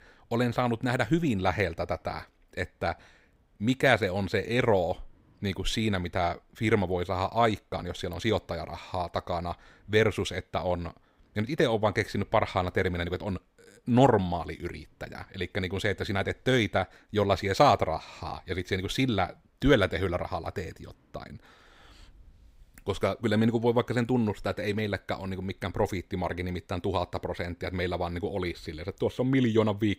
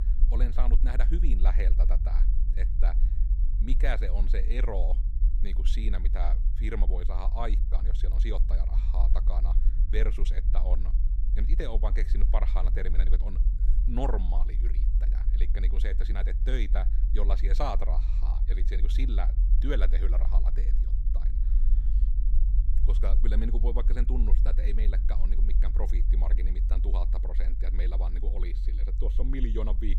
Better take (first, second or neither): first